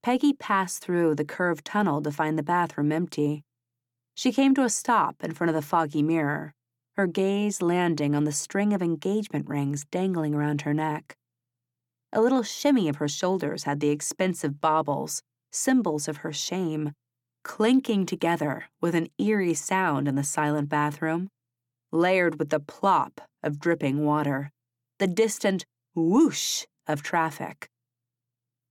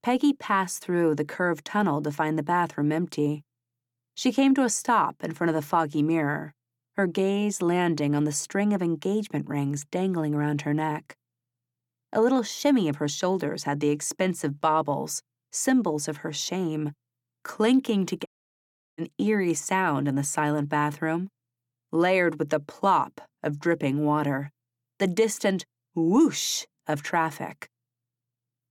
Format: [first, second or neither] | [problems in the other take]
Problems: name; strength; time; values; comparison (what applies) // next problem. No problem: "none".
first | audio cutting out; at 18 s for 0.5 s